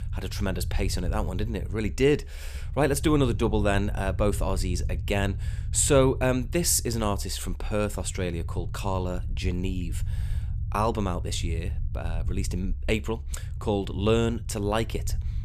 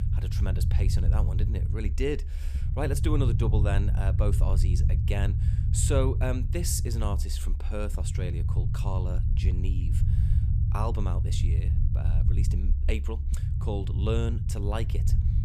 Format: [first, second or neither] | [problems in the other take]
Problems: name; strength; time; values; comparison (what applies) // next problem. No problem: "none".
first | low rumble; loud; throughout; 6 dB below the speech; faint in the first